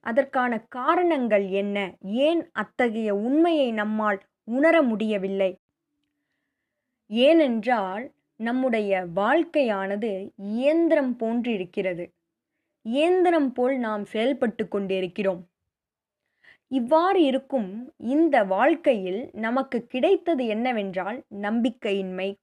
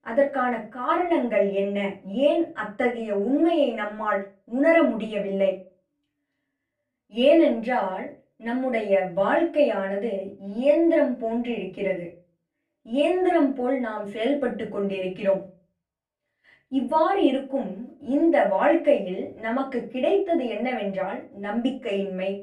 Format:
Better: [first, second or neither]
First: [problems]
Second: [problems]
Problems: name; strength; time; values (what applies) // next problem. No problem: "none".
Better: first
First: none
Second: off-mic speech; far // room echo; very slight; dies away in 0.3 s